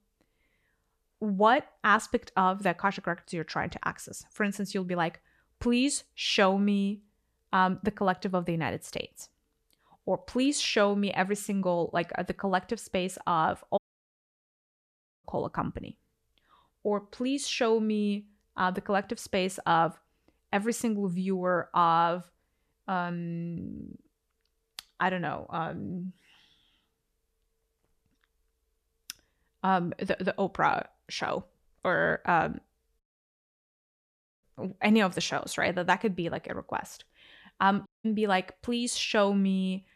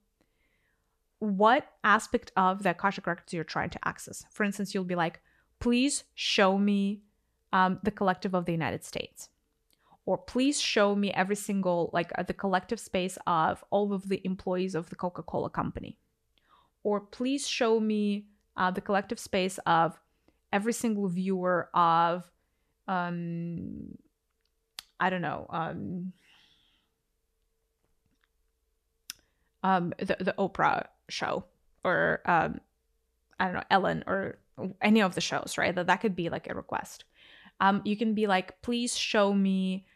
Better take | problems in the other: second | audio cutting out; at 14 s for 1.5 s, at 33 s for 1.5 s and at 38 s

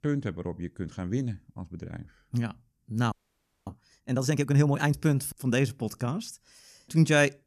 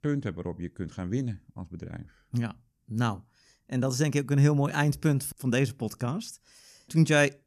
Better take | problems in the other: second | audio freezing; at 3 s for 0.5 s

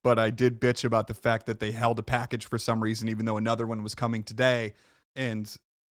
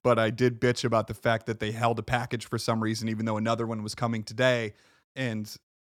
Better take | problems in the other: second | garbled, watery; slightly

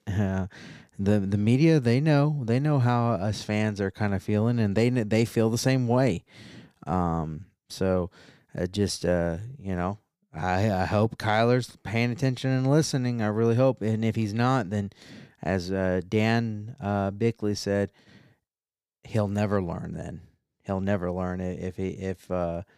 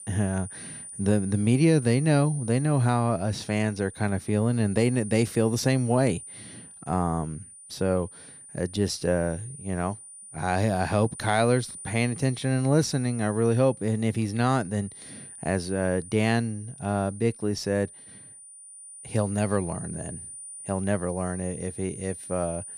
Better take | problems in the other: first | high-pitched whine; noticeable; throughout; 9.5 kHz, 15 dB below the speech

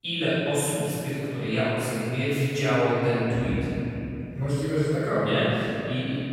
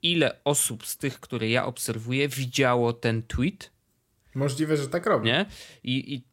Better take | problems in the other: second | off-mic speech; far // room echo; strong; dies away in 3 s

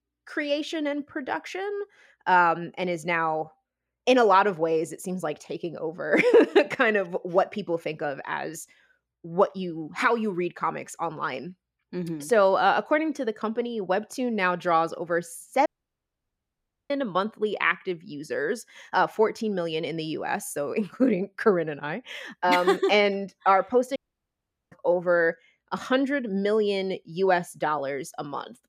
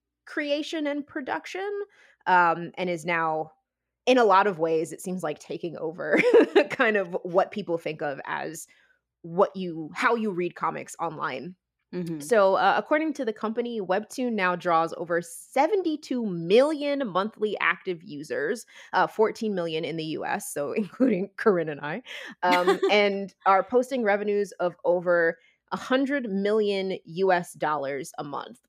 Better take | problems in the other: second | audio cutting out; at 16 s for 1 s and at 24 s for 1 s

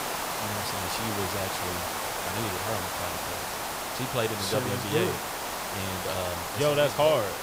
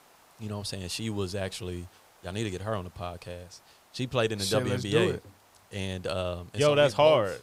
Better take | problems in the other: second | hiss; loud; throughout; 1 dB below the speech; faint in the second

